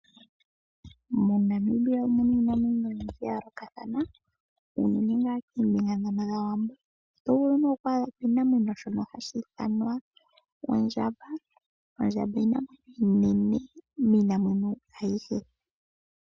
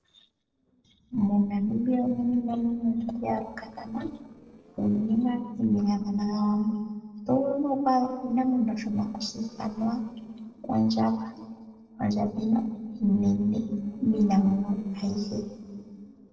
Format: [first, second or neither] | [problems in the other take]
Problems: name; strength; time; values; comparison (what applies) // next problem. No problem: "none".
first | noise reduction (neural separator model SepFormer DNS4)